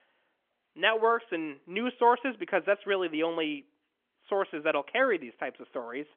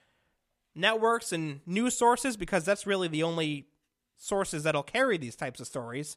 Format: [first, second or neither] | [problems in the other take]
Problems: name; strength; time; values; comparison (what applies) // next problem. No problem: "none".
second | phone-call audio; nothing above 3.5 kHz